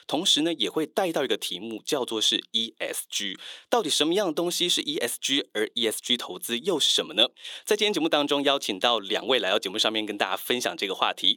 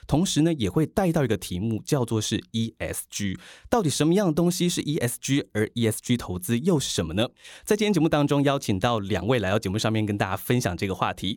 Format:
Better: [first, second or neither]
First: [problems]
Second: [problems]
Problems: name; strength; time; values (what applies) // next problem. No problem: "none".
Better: second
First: thin; somewhat; fading below 350 Hz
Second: none